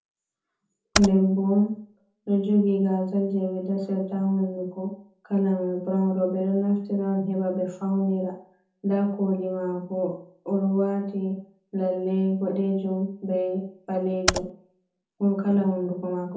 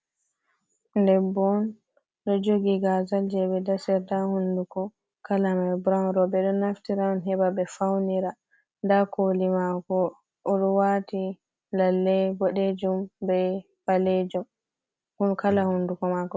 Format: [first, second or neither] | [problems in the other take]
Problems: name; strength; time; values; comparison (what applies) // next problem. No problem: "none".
second | background sound (Computer keyboard); 6 dB below the speech // room echo; dies away in 0.5 s